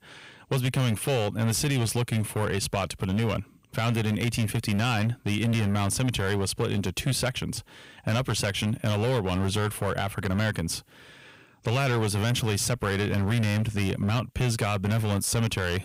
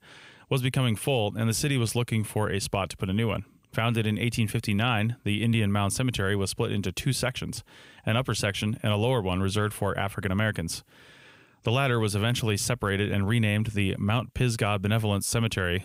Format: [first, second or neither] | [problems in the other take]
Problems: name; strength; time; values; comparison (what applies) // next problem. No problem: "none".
second | distortion; slight; 15% of the sound clipped